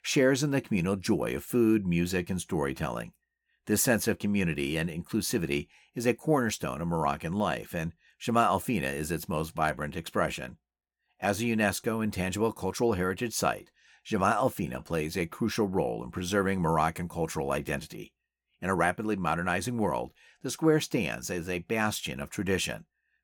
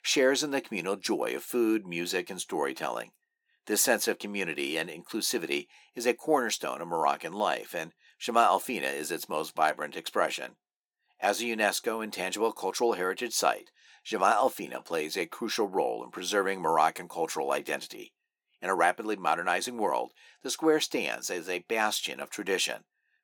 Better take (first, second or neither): first